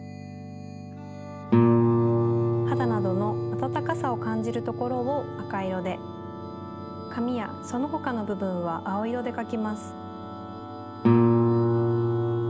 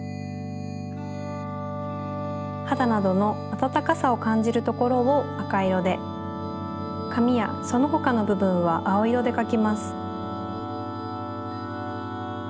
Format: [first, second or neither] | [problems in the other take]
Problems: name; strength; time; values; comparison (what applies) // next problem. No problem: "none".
second | background sound (Guitar); 4 dB above the speech